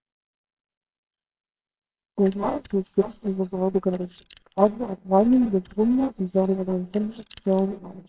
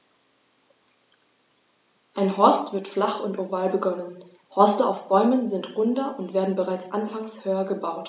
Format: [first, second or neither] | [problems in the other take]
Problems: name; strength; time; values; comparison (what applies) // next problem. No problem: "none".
second | noise reduction (neural separator model SepFormer WHAMR!)